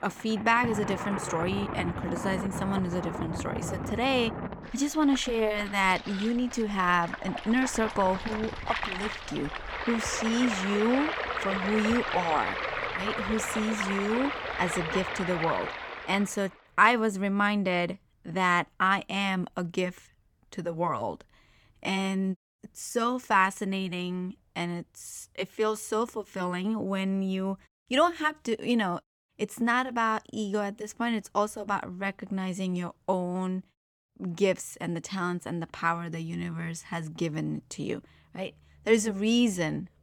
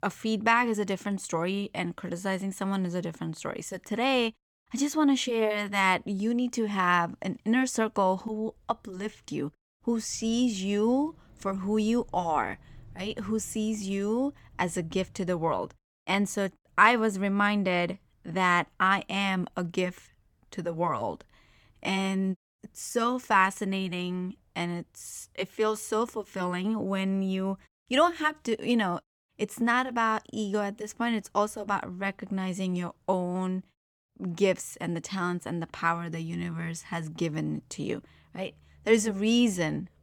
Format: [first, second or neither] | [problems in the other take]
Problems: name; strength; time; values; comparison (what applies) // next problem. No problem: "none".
second | rain or running water; loud; until 16 s; 5 dB below the speech